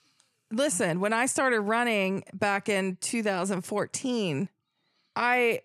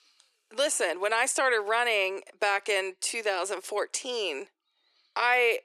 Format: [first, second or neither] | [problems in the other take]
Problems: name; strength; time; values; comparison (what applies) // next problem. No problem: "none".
first | thin; very; fading below 350 Hz